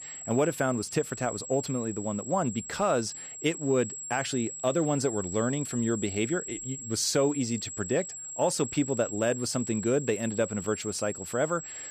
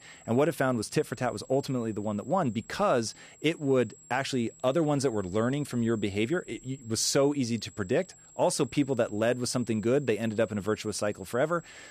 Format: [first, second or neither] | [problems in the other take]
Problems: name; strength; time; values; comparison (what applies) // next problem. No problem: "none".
second | high-pitched whine; loud; throughout; 7.5 kHz, 8 dB below the speech; faint in the second